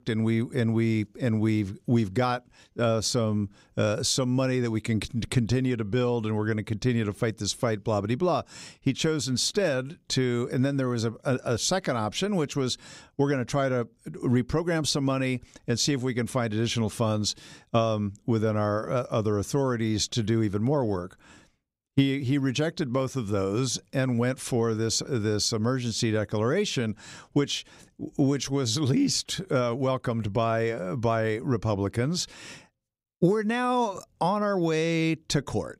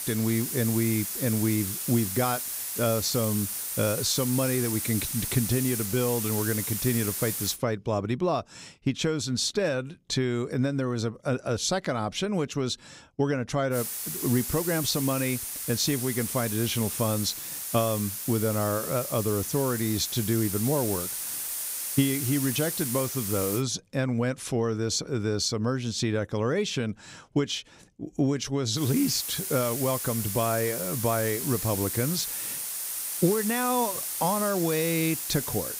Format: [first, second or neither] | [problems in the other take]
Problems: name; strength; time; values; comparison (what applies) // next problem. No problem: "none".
first | hiss; loud; until 7.5 s, from 14 to 24 s and from 29 s on; 3 dB below the speech